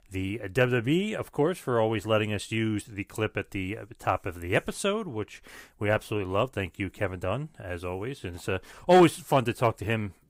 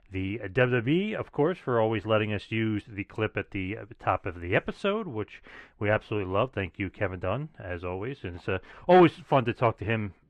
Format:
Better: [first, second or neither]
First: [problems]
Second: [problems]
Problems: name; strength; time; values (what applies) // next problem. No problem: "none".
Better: first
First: none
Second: muffled; slightly; fading above 2.5 kHz